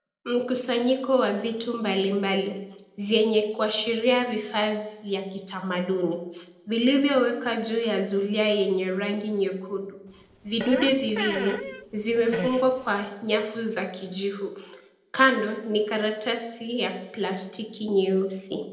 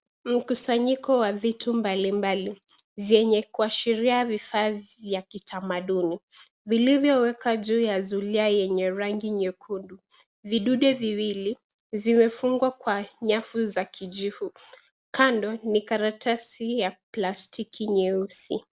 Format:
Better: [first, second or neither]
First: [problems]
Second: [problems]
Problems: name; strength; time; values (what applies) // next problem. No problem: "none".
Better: second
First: noise reduction (neural separator model SepFormer DNS4)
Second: none